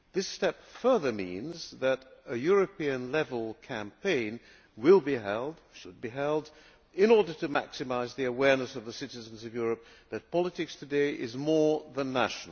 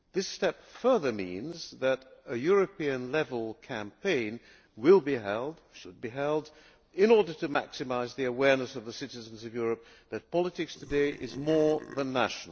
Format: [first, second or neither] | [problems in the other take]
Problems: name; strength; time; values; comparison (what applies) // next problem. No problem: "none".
first | noise reduction (neural separator model SepFormer DNS4)